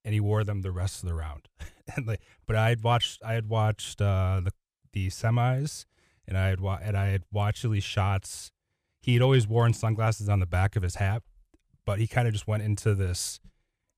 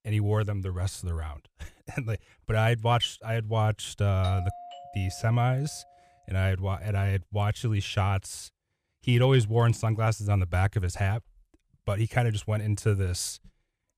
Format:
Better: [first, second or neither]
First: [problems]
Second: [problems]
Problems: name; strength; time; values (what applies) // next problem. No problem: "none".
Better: first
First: none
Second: doorbell; faint; from 4 to 6 s; peak 10 dB below the speech